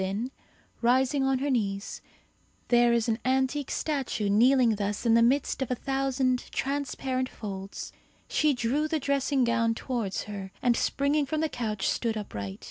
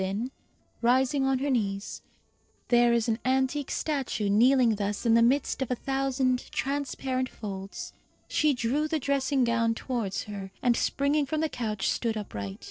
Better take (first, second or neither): first